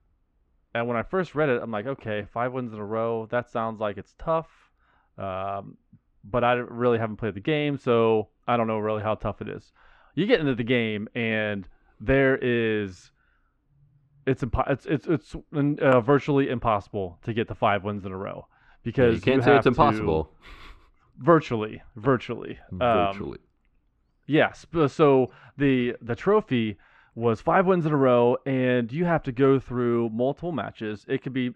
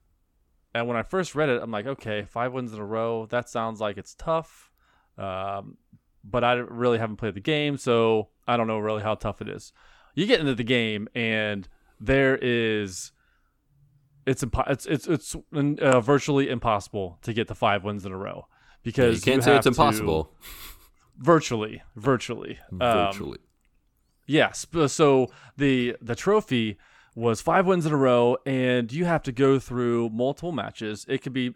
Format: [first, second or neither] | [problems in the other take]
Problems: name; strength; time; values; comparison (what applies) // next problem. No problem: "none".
second | muffled; slightly; fading above 2.5 kHz